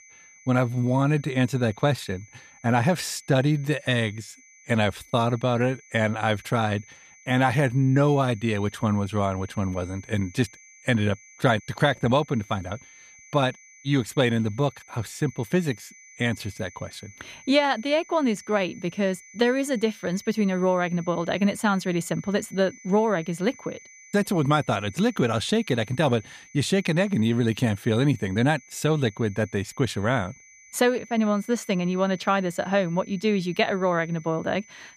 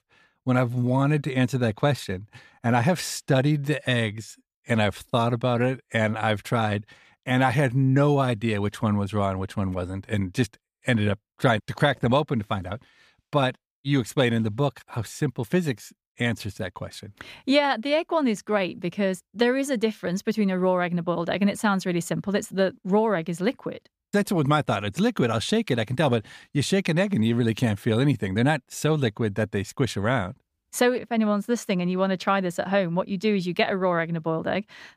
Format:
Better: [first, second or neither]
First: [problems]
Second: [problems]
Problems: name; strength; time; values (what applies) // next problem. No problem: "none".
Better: second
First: high-pitched whine; faint; throughout; 2 kHz, 25 dB below the speech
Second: none